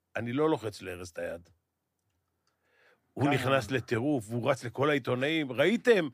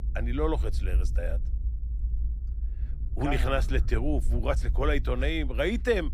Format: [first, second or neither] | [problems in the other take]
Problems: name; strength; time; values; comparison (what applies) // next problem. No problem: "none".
first | low rumble; faint; throughout; 20 dB below the speech